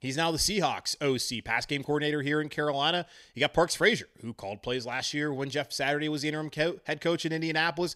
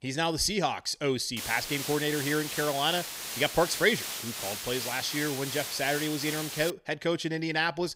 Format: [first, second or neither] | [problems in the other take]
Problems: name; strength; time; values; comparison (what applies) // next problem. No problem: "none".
first | hiss; loud; from 1.5 to 6.5 s; 5 dB below the speech